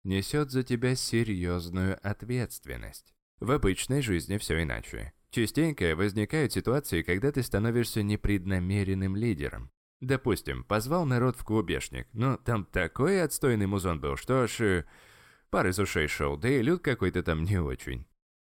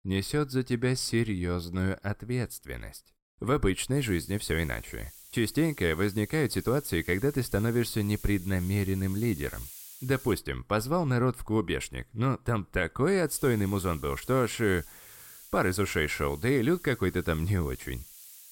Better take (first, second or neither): first